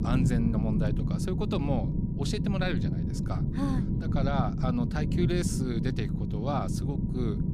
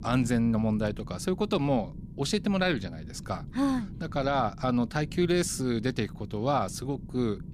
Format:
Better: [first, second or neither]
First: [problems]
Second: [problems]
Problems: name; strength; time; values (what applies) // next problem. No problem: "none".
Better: second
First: low rumble; loud; throughout; 3 dB below the speech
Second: low rumble; faint; throughout; 20 dB below the speech